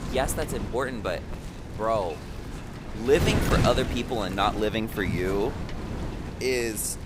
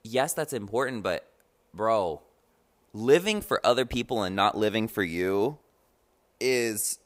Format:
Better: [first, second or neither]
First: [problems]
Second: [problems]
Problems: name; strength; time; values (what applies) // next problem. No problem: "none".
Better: second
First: wind noise on the microphone; heavy; 9 dB below the speech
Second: none